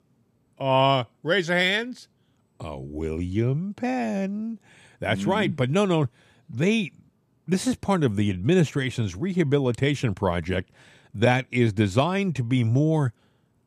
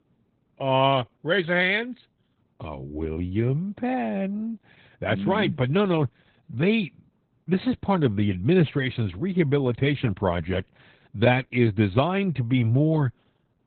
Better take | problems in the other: first | garbled, watery; badly; nothing above 3.5 kHz

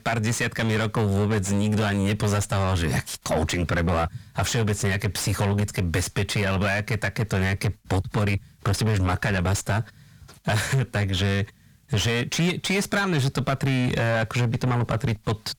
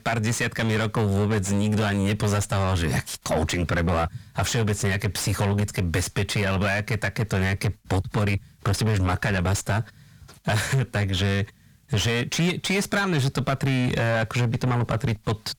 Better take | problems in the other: neither | distortion; heavy; 6 dB below the speech; the same in both

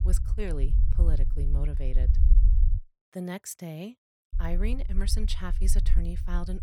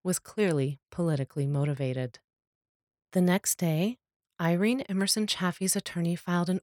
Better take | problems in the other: second | low rumble; loud; until 3 s and from 4.5 s on; 9 dB below the speech

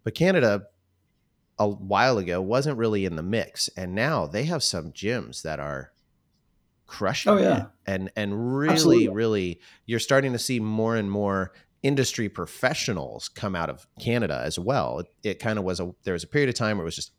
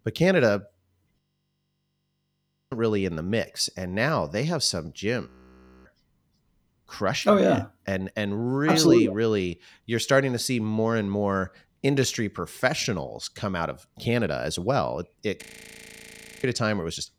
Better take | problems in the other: first | audio freezing; at 1 s for 1.5 s, at 5.5 s for 0.5 s and at 15 s for 1 s

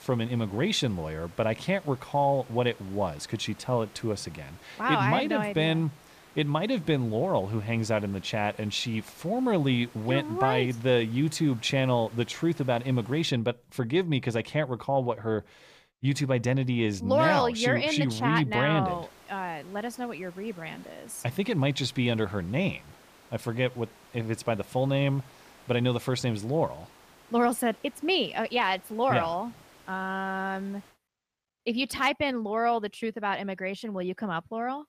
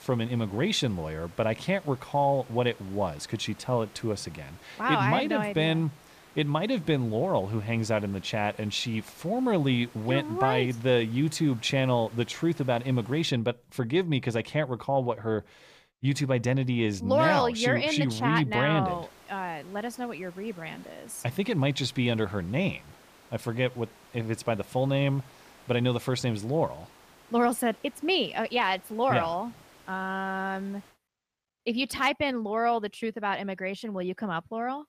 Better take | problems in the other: neither | hiss; faint; until 13 s and from 19 to 31 s; 25 dB below the speech; the same in both

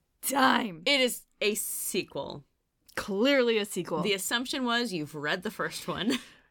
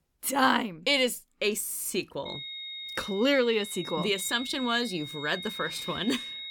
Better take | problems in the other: first | high-pitched whine; loud; from 2.5 s on; 3.5 kHz, 9 dB below the speech

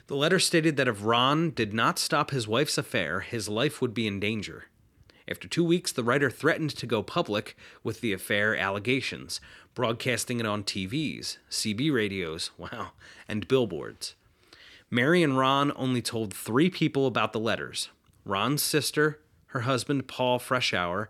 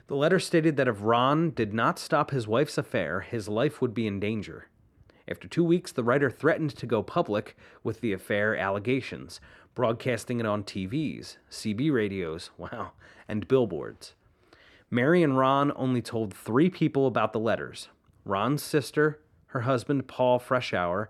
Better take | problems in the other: first | muffled; slightly; fading above 2 kHz

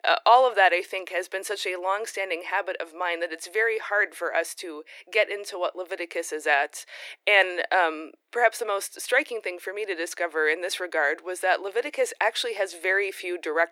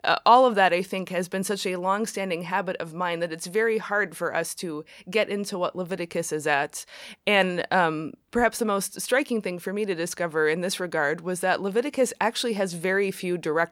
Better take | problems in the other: second | thin; very; fading below 300 Hz

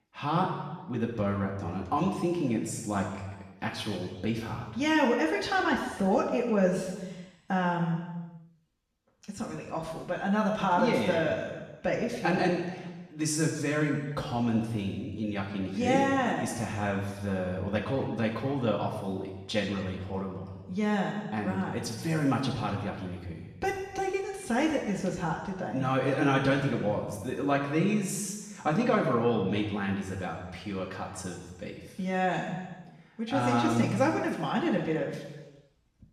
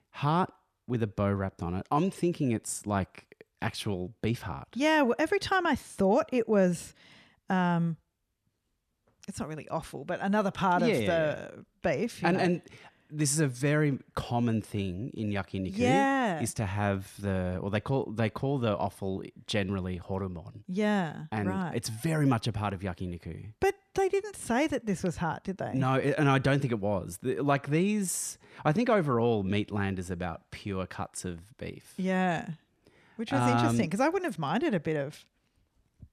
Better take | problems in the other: second | room echo; noticeable; dies away in 1.1 s // off-mic speech; far

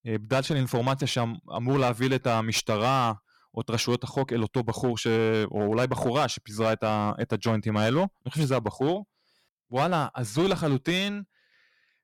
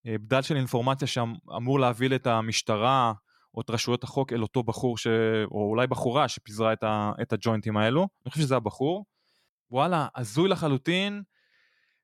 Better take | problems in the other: second | distortion; slight; 9% of the sound clipped

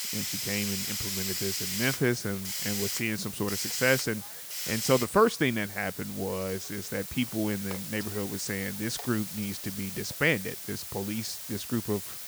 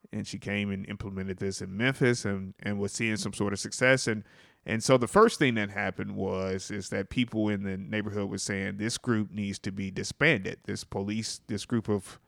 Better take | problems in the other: second | hiss; loud; throughout; 3 dB below the speech

